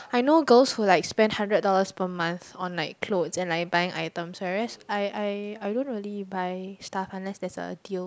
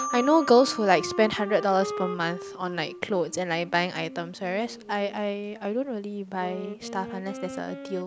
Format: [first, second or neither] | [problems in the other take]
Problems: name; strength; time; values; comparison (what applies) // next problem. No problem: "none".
first | background sound (Marimba, xylophone + Wind instrument, woodwind instrument); 11 dB below the speech